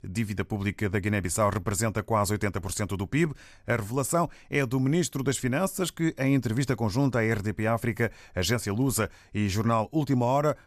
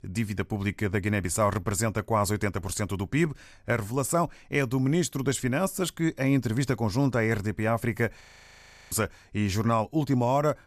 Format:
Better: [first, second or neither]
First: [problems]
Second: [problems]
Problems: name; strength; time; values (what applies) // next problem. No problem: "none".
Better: first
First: none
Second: audio freezing; at 8 s for 0.5 s